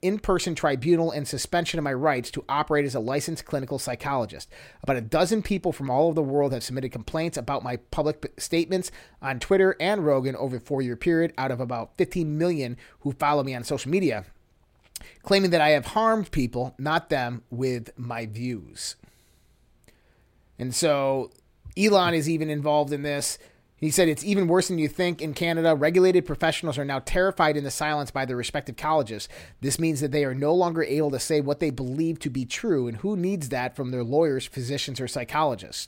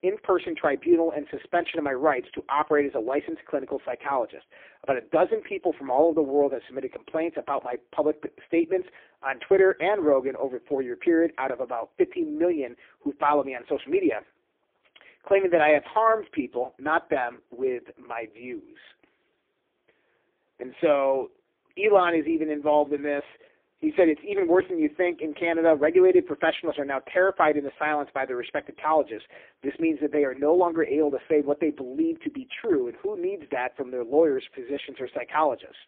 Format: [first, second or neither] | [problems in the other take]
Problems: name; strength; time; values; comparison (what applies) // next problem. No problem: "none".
first | phone-call audio; poor line